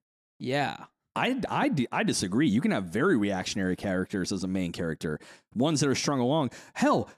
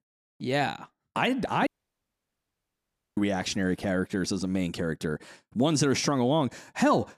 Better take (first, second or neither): first